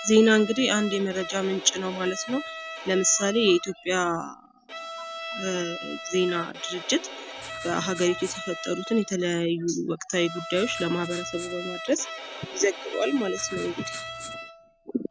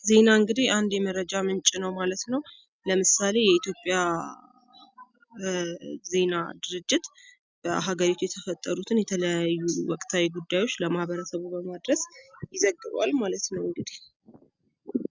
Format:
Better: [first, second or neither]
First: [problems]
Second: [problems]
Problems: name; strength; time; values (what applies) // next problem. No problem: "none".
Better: second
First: background sound (Bowed string instrument + Writing); 11 dB below the speech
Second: none